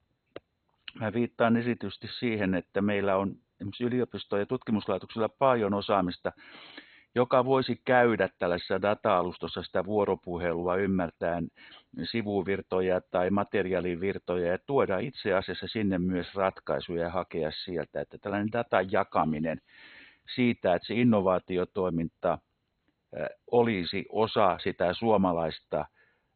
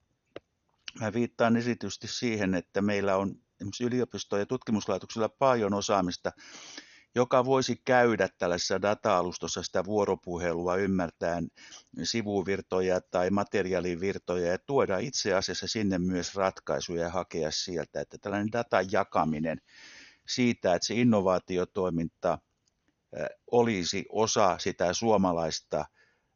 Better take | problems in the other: second | garbled, watery; badly; nothing above 4 kHz; slightly in the second

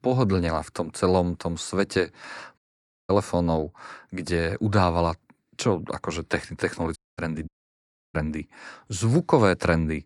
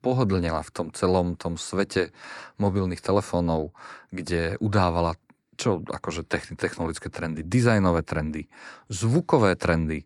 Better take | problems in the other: second | audio cutting out; at 2.5 s for 0.5 s, at 7 s and at 7.5 s for 0.5 s

